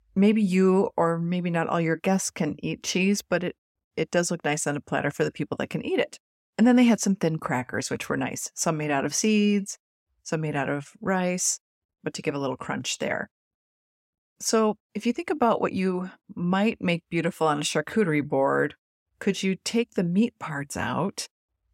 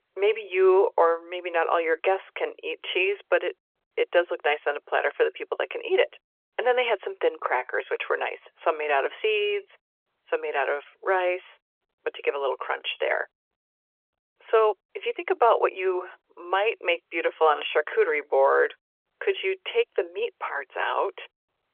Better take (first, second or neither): first